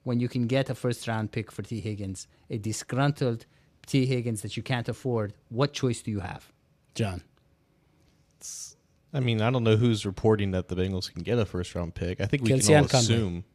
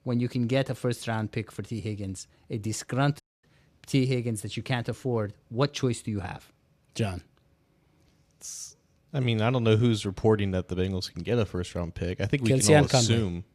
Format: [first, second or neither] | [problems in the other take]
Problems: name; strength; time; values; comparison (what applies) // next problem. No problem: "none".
first | audio cutting out; at 3 s